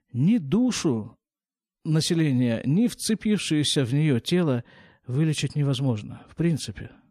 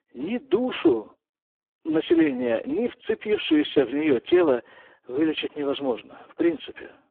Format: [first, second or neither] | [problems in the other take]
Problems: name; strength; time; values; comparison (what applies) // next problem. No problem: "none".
first | phone-call audio; poor line; nothing above 3.5 kHz